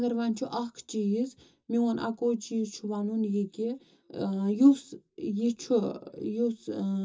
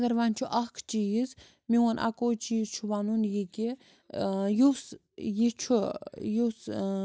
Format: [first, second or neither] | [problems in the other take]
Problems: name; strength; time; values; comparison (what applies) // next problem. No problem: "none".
second | room echo; dies away in 0.2 s